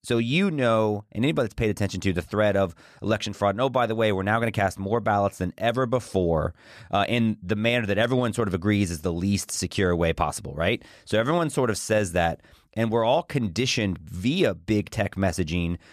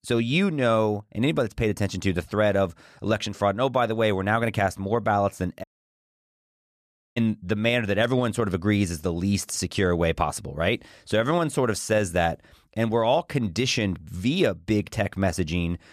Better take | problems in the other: first | audio cutting out; at 5.5 s for 1.5 s

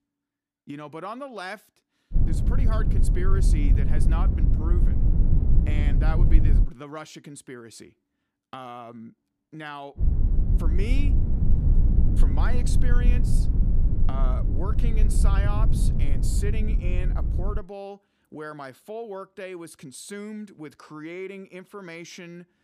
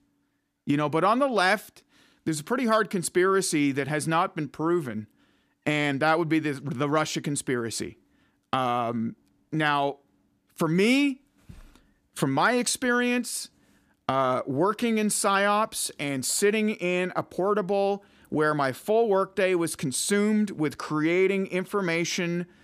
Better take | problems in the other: second | low rumble; loud; from 2 to 6.5 s and from 10 to 18 s; 2 dB below the speech

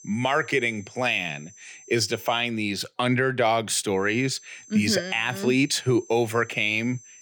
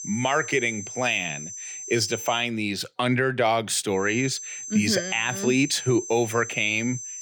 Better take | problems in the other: first | high-pitched whine; loud; until 2.5 s and from 4 s on; 6 kHz, 10 dB below the speech; faint in the first

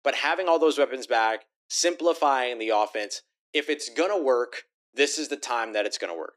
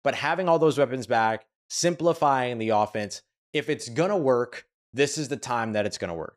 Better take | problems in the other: second | thin; somewhat; fading below 300 Hz

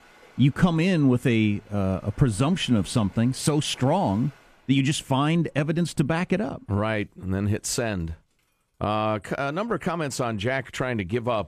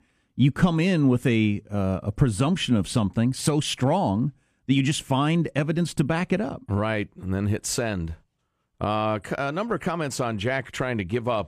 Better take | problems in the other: second | rain or running water; faint; throughout; 30 dB below the speech

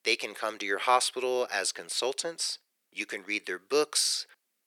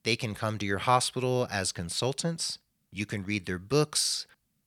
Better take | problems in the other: second | thin; very; fading below 350 Hz

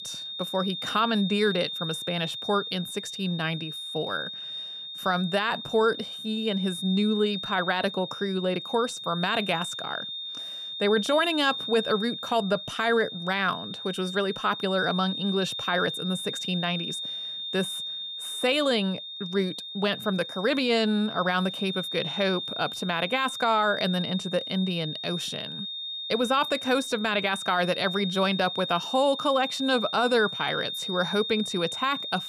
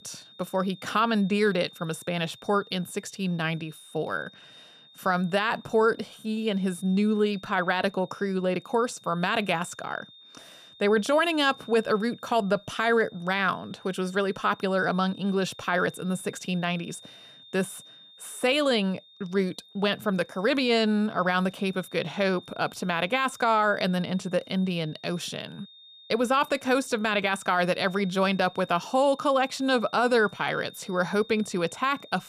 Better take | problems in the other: second | high-pitched whine; loud; throughout; 3.5 kHz, 6 dB below the speech; faint in the second

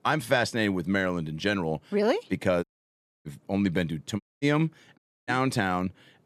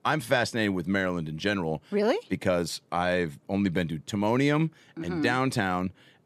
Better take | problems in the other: second | audio cutting out; at 2.5 s for 0.5 s, at 4 s and at 5 s

